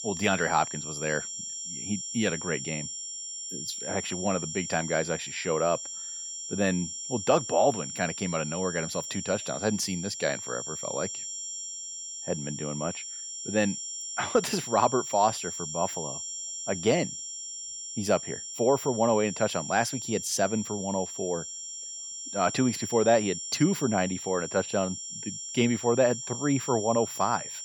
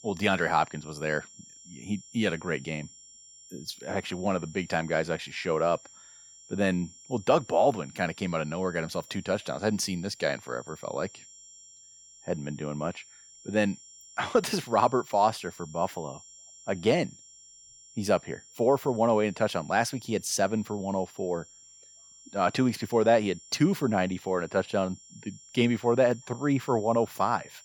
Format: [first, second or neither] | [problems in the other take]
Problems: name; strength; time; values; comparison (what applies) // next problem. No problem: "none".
second | high-pitched whine; loud; throughout; 7.5 kHz, 6 dB below the speech; faint in the second